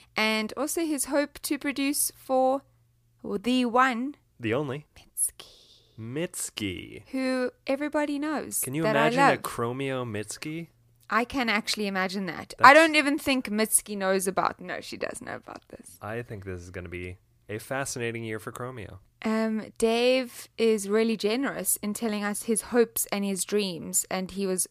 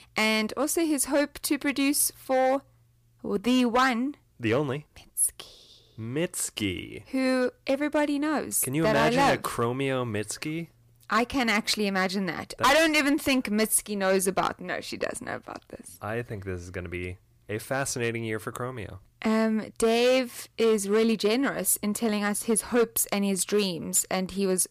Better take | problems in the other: first | distortion; heavy; 4% of the sound clipped

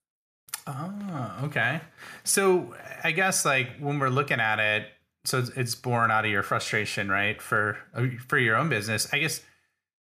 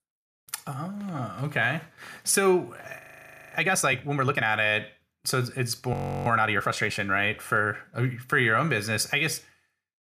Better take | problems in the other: first | audio freezing; at 3 s for 0.5 s and at 6 s

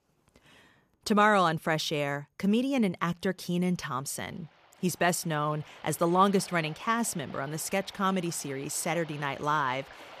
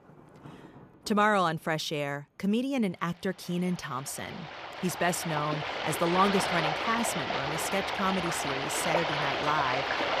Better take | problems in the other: first | rain or running water; loud; throughout; 1 dB below the speech; faint in the first

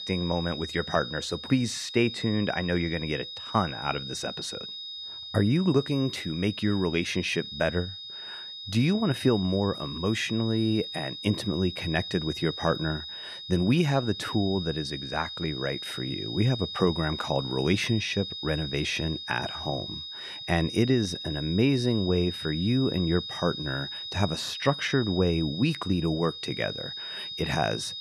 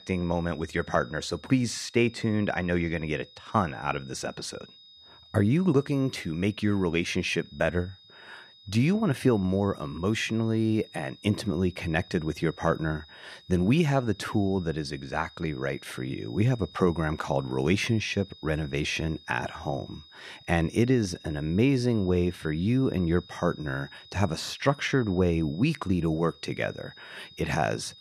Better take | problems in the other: second | high-pitched whine; loud; throughout; 4 kHz, 8 dB below the speech; faint in the second

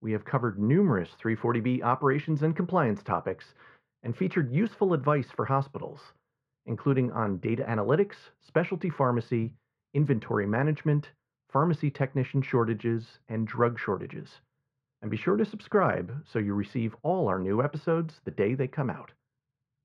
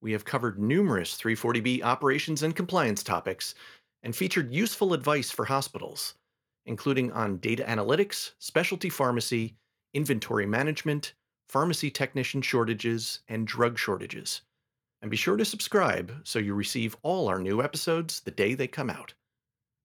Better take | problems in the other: second | muffled; very; fading above 1 kHz

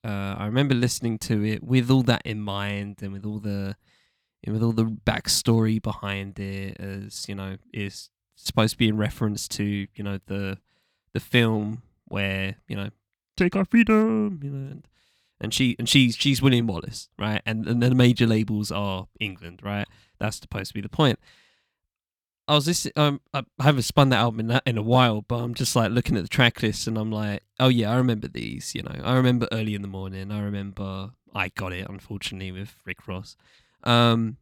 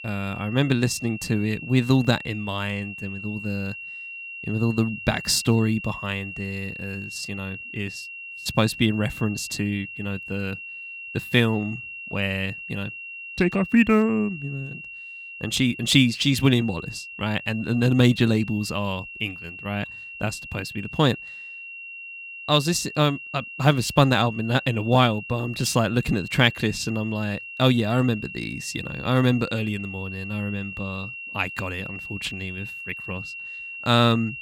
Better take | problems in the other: first | high-pitched whine; noticeable; throughout; 2.5 kHz, 10 dB below the speech

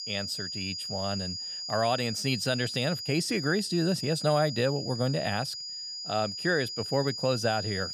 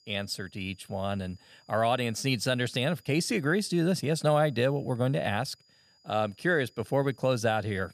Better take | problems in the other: second | high-pitched whine; loud; throughout; 5 kHz, 5 dB below the speech; faint in the second

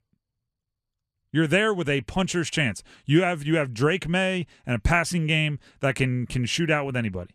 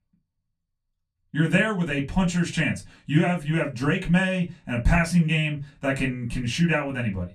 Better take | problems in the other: first | off-mic speech; far // room echo; very slight; dies away in 0.2 s

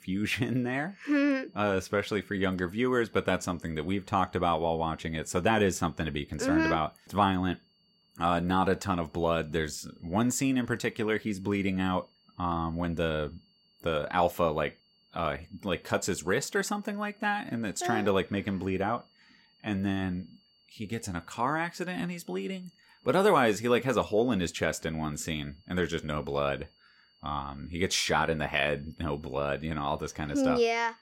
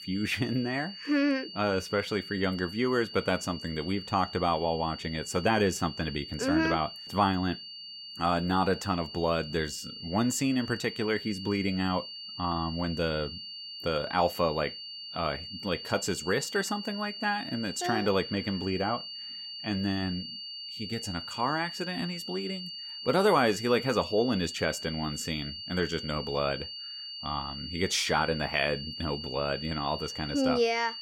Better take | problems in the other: first | high-pitched whine; loud; throughout; 4.5 kHz, 9 dB below the speech; faint in the first

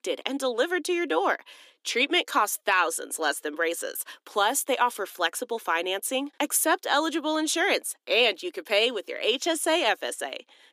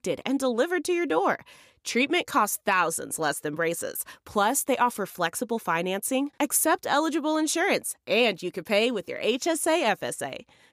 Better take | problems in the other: second | thin; very slightly; fading below 300 Hz

